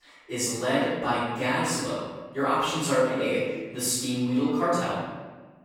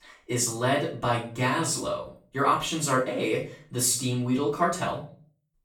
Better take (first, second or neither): second